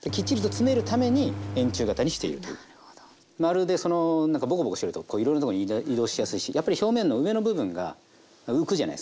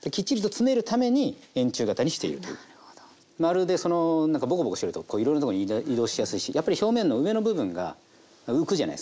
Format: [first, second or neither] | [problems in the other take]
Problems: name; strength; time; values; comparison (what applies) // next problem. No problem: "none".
second | background sound (Engine); 10 dB below the speech